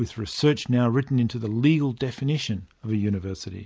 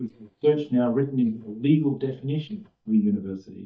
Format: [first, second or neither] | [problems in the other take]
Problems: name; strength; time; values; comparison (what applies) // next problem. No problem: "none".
first | noise reduction (neural mask model DeepFilterNet 3)